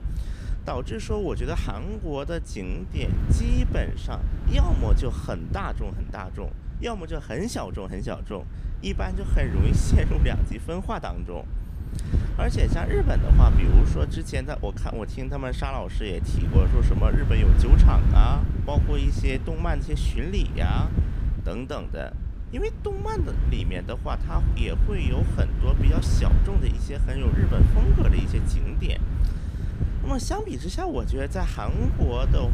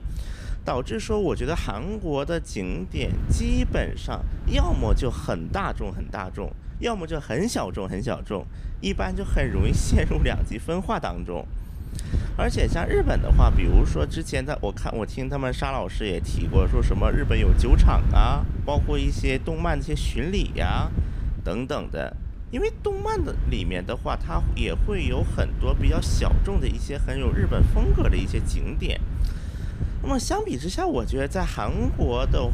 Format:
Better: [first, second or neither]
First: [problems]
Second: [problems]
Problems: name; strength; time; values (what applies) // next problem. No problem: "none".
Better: second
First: wind noise on the microphone; heavy; 6 dB below the speech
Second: wind noise on the microphone; occasional gusts; 10 dB below the speech